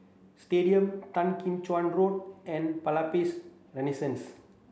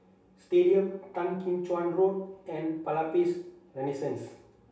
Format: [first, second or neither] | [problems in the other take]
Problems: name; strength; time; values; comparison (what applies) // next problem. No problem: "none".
first | room echo; dies away in 0.3 s